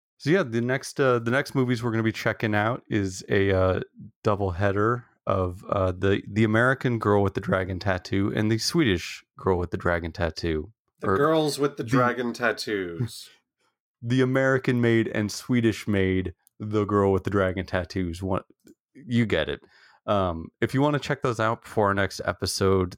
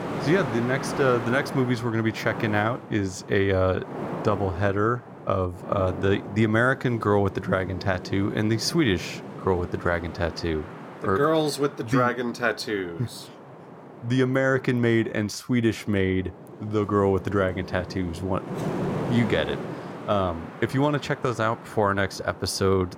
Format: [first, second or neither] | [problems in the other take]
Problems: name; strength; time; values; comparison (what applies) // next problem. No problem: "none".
first | wind noise on the microphone; occasional gusts; 10 dB below the speech